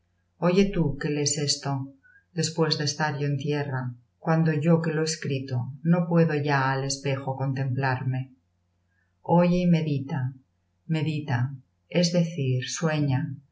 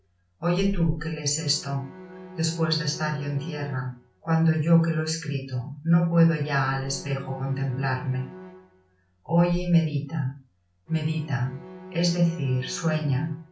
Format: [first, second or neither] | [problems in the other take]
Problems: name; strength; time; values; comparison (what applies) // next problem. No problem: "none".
first | background sound (Bowed string instrument); 19 dB below the speech // room echo; dies away in 0.3 s